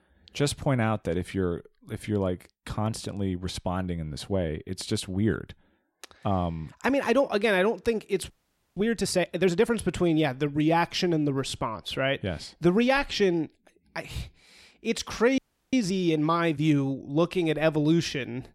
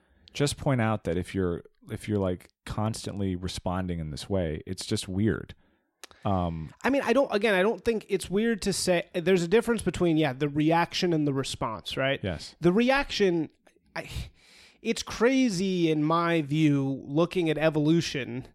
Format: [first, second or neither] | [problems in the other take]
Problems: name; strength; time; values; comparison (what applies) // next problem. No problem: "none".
second | audio freezing; at 8.5 s and at 15 s